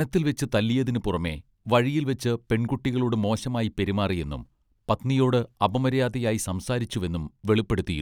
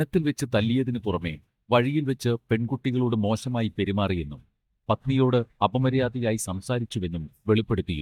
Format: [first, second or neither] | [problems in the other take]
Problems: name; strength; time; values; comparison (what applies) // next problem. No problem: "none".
first | noise reduction (neural mask model DeepFilterNet 3)